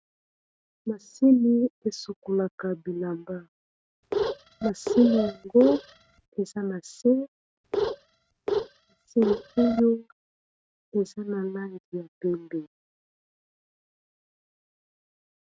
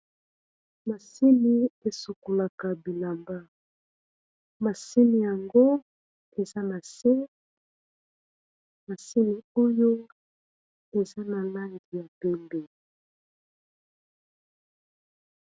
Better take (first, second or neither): second